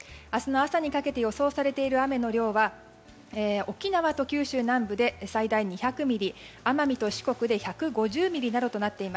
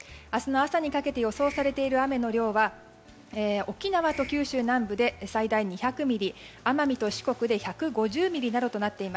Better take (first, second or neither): first